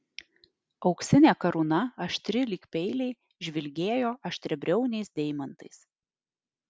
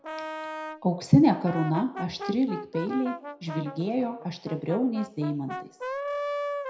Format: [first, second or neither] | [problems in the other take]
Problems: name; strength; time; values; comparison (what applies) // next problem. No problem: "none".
first | background sound (Brass instrument); 9 dB below the speech // room echo; dies away in 0.4 s